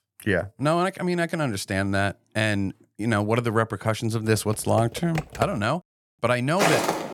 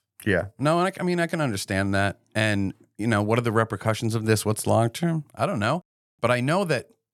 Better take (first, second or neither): second